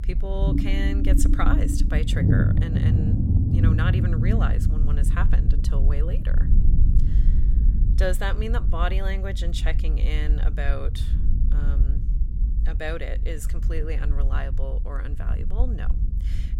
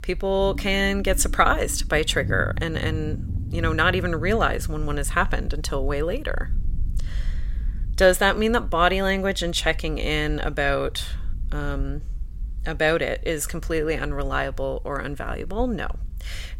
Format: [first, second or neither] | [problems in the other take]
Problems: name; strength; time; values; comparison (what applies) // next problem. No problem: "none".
second | low rumble; loud; throughout; 4 dB below the speech; faint in the second